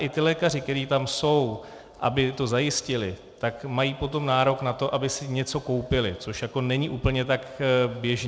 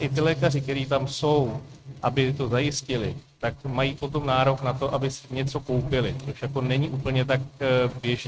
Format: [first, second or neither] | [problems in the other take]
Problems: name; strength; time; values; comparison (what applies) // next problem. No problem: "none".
first | noise reduction (neural mask model RNNoise)